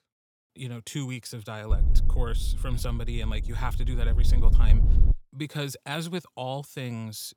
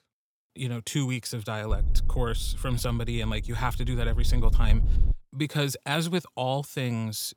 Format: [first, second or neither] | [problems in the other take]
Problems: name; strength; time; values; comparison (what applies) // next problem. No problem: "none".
second | wind noise on the microphone; heavy; from 1.5 to 5 s; 10 dB below the speech; occasional gusts in the second